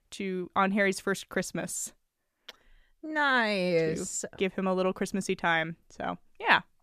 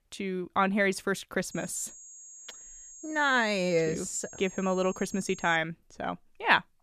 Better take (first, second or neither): first